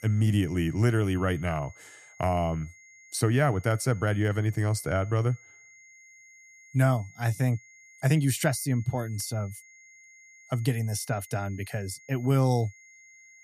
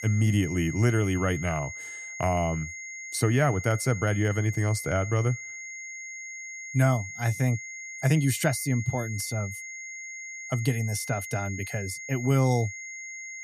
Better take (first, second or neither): first